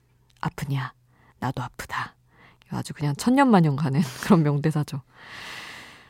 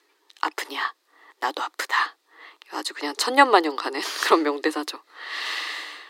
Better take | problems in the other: first | thin; very; fading below 300 Hz

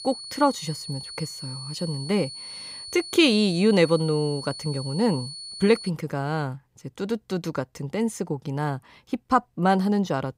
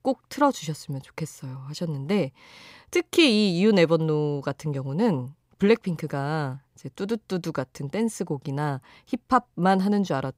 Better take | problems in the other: second | high-pitched whine; noticeable; until 6 s; 4.5 kHz, 10 dB below the speech

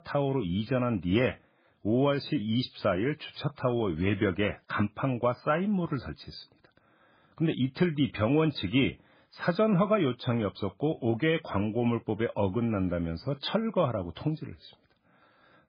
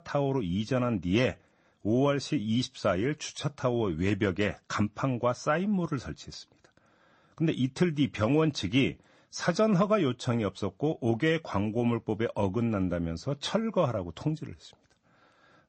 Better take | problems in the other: second | garbled, watery; badly; slightly in the second

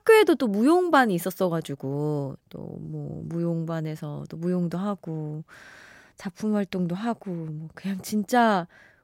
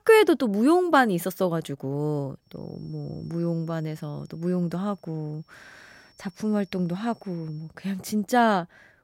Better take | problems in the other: first | high-pitched whine; faint; from 2.5 to 7.5 s; 5.5 kHz, 35 dB below the speech

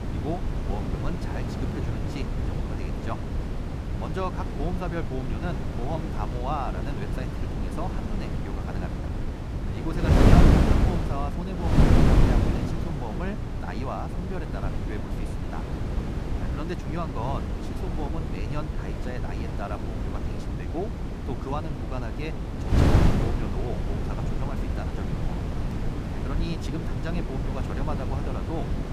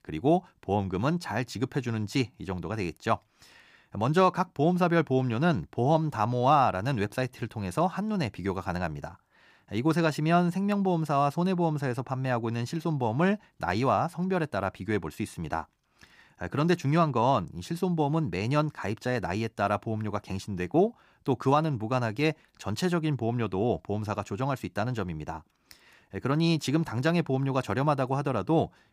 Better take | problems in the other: second | wind noise on the microphone; heavy; 2 dB above the speech

